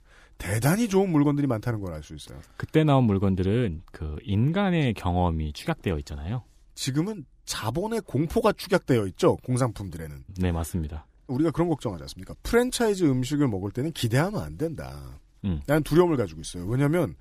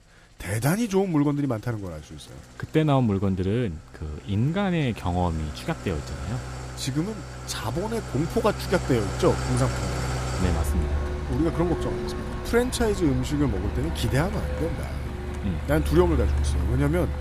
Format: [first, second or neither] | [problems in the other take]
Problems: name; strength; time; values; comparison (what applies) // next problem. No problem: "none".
first | traffic noise; loud; throughout; 5 dB below the speech